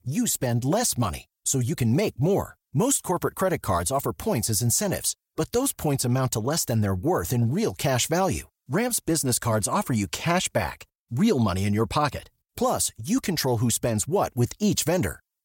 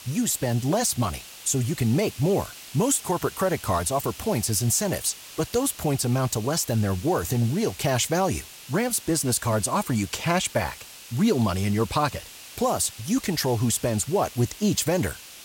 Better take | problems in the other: first | hiss; noticeable; throughout; 15 dB below the speech

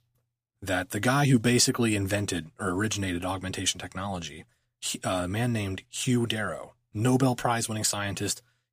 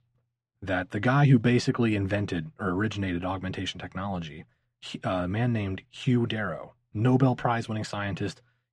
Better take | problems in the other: first | muffled; slightly; fading above 2.5 kHz

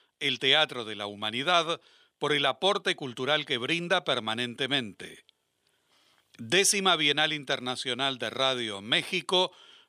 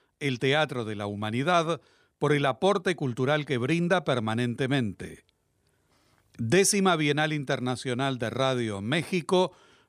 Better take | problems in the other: second | thin; very slightly; fading below 500 Hz

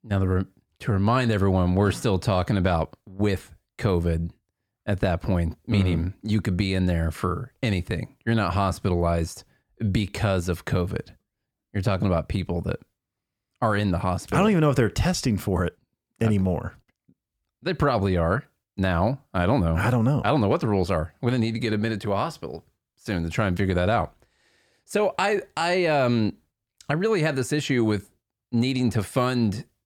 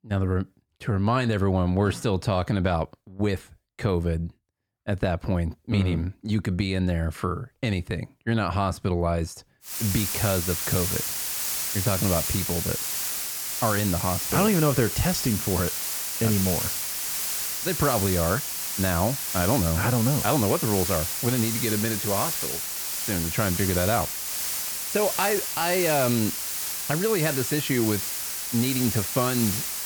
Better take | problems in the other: first | hiss; loud; from 9.5 s on; 1 dB below the speech

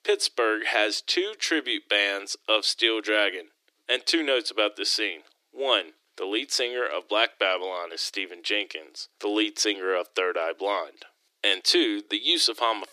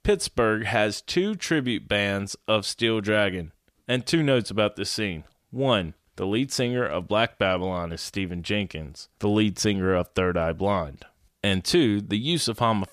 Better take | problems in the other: second | thin; very; fading below 300 Hz

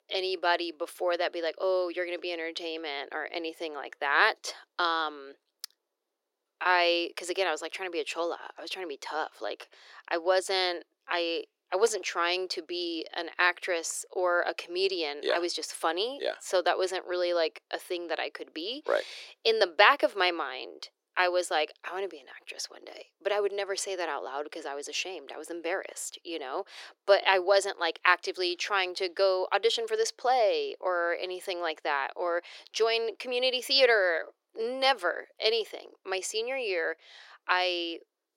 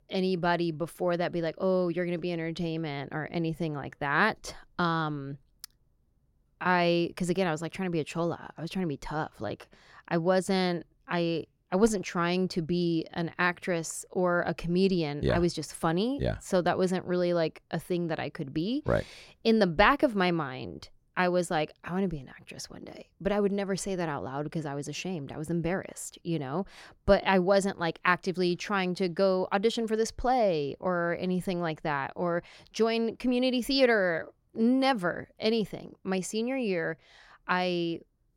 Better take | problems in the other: second | thin; very; fading below 350 Hz

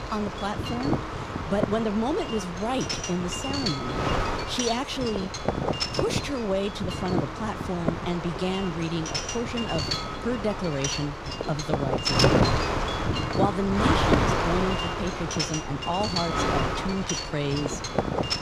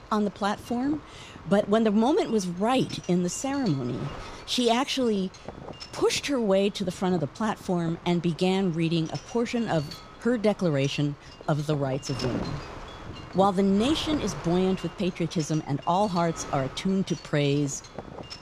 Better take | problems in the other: second | wind noise on the microphone; heavy; 3 dB above the speech; occasional gusts in the second

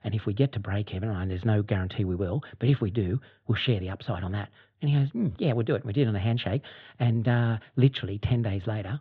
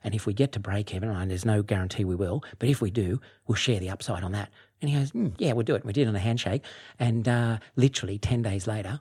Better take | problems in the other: second | muffled; very; fading above 3.5 kHz

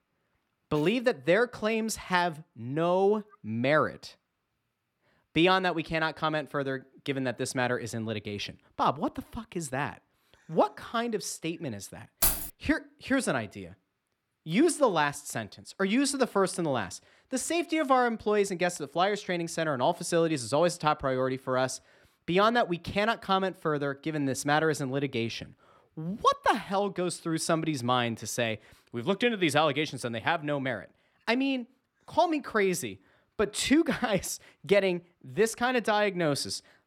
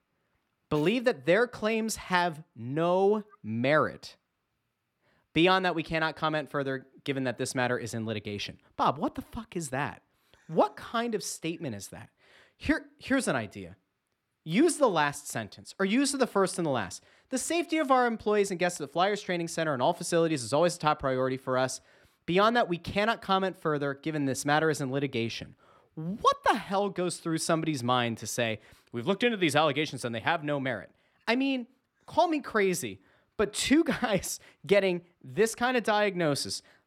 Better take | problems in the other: second | jangling keys; loud; at 12 s; peak 3 dB above the speech

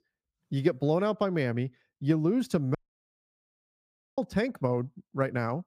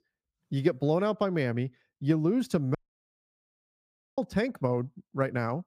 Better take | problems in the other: neither | audio cutting out; at 3 s for 1.5 s; the same in both

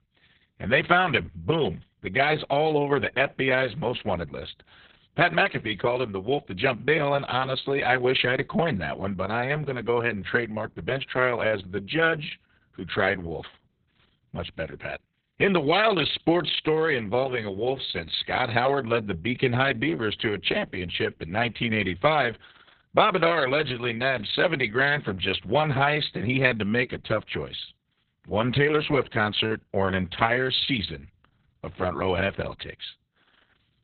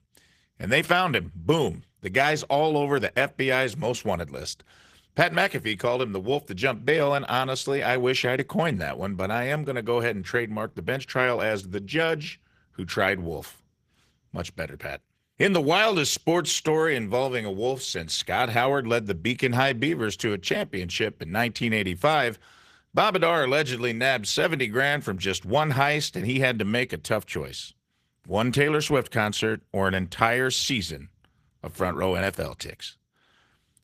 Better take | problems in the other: second | garbled, watery; badly; nothing above 4 kHz; slightly in the second

